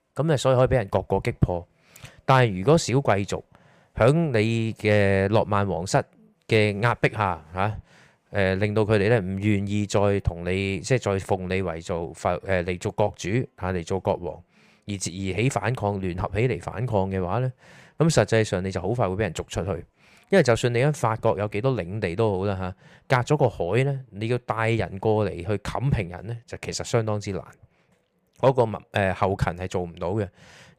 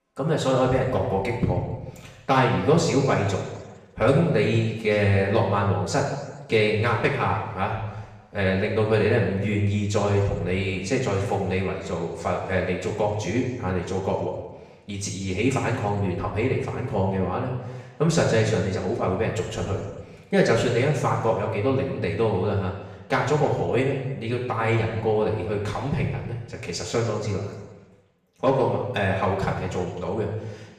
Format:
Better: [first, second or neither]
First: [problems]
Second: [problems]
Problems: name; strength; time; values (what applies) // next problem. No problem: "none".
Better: first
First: none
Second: room echo; noticeable; dies away in 1.1 s // off-mic speech; far